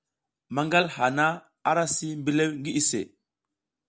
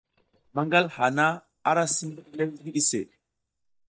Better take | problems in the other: first | noise reduction (neural mask model DeepFilterNet 3)

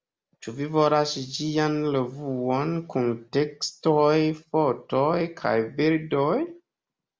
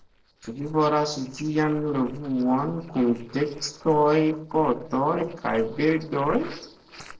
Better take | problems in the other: first | noise reduction (neural separator model SepFormer DNS4)

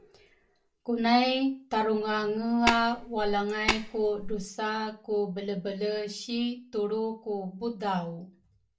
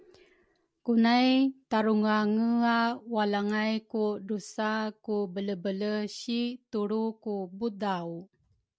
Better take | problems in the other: second | background sound (Tap); 3 dB below the speech // room echo; dies away in 0.2 s

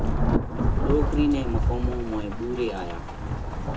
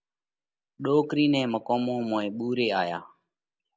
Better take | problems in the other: second | background sound (Rain / Thunderstorm); 4 dB above the speech // room echo; dies away in 0.2 s

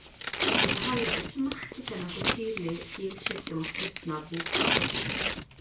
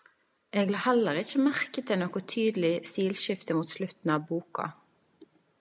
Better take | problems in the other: second | background sound (Tearing); 5 dB above the speech // room echo; dies away in 0.2 s

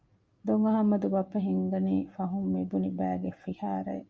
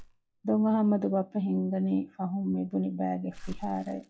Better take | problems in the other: first | noise reduction (classical method log-MMSE)

